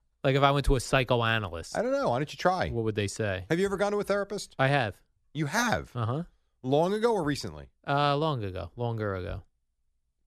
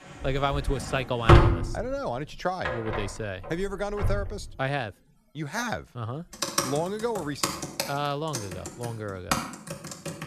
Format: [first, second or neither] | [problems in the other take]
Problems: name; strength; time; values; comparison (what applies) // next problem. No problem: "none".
first | household noises; very loud; throughout; 3 dB above the speech